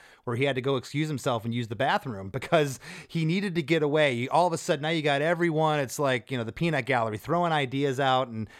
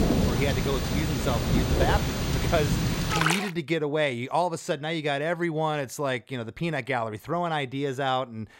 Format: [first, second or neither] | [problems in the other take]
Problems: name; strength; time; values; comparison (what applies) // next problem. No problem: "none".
first | rain or running water; very loud; until 3.5 s; 2 dB above the speech